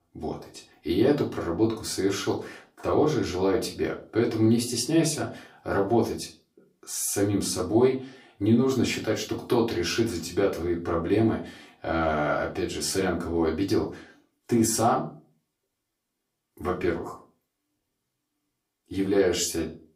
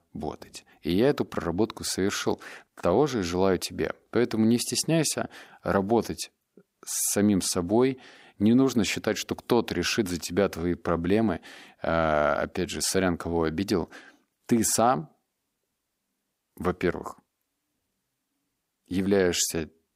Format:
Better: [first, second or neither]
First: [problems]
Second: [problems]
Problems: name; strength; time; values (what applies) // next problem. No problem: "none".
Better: second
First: off-mic speech; far // room echo; very slight; dies away in 0.3 s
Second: none